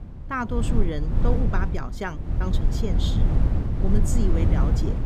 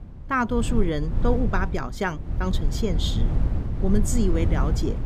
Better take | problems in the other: second | wind noise on the microphone; heavy; 4 dB below the speech; occasional gusts in the second

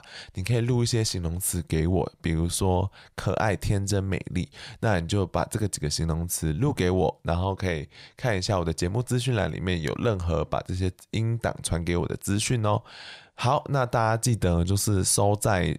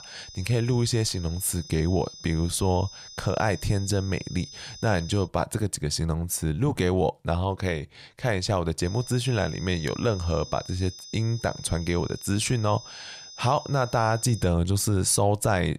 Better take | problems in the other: first | high-pitched whine; noticeable; until 5.5 s and from 9 to 14 s; 5 kHz, 15 dB below the speech

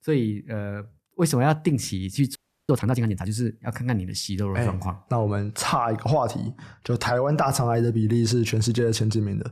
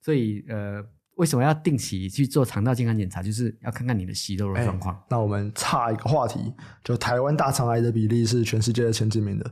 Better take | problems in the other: second | audio freezing; at 2.5 s

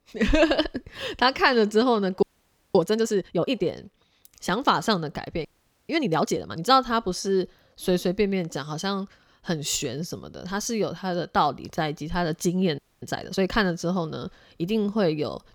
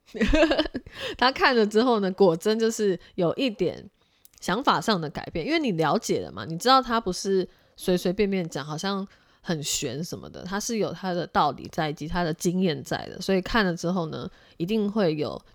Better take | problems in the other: second | audio freezing; at 2 s for 0.5 s, at 5.5 s and at 13 s

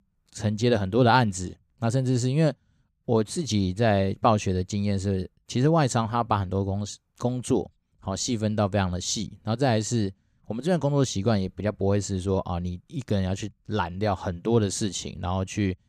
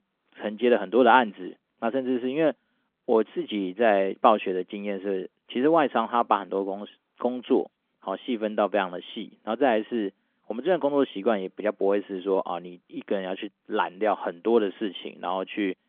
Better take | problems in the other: first | phone-call audio; nothing above 3.5 kHz

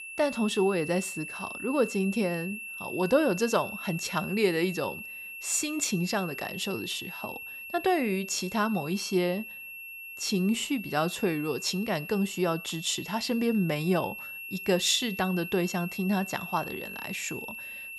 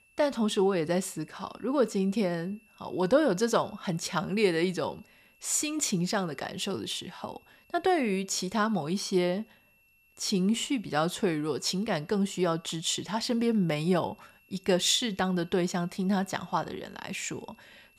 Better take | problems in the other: second | high-pitched whine; loud; throughout; 2.5 kHz, 9 dB below the speech; faint in the second

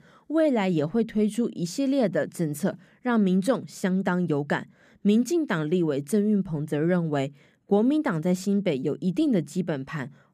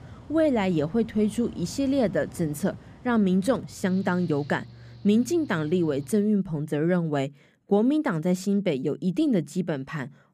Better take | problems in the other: first | machinery noise; noticeable; until 6 s; 20 dB below the speech

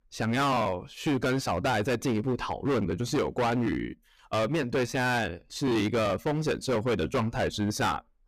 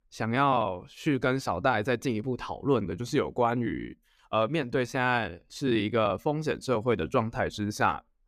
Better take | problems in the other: second | distortion; heavy; 17% of the sound clipped

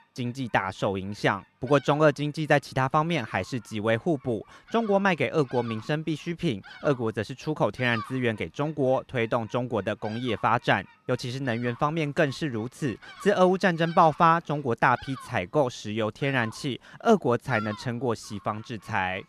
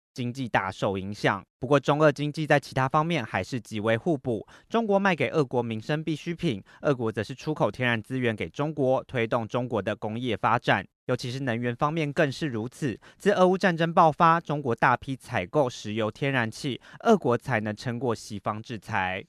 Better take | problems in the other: second | animal sounds; faint; throughout; 20 dB below the speech

